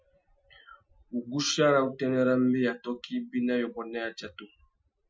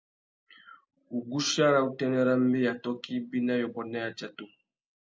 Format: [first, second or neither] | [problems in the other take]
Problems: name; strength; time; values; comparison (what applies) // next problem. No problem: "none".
second | noise reduction (classical method Wiener filter)